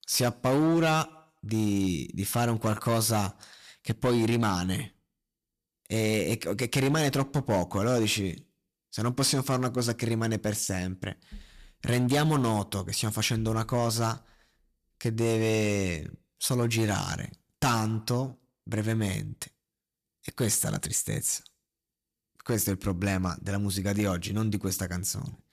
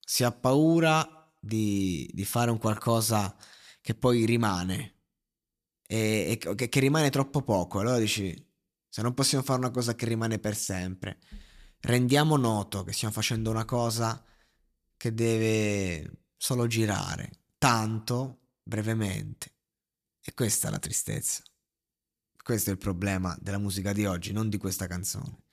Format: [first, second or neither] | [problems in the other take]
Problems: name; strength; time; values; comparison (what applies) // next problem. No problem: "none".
second | distortion; slight; 5% of the sound clipped